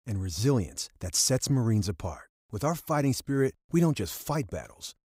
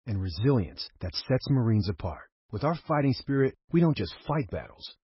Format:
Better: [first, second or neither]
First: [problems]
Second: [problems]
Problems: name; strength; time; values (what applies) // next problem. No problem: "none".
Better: first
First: none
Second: garbled, watery; badly; nothing above 5.5 kHz